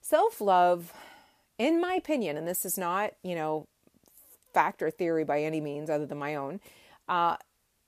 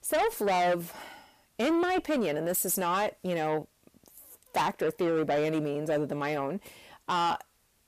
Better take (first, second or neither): first